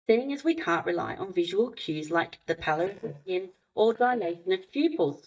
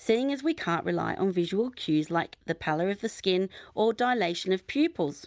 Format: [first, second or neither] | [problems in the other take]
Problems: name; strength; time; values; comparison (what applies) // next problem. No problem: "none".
second | noise reduction (neural mask model DeepFilterNet 3)